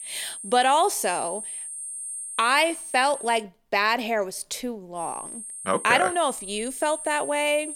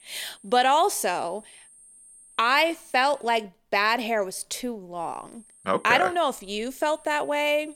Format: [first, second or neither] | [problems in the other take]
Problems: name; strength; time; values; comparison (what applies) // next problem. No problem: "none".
second | high-pitched whine; loud; until 3.5 s and from 5 s on; 8.5 kHz, 9 dB below the speech; faint in the second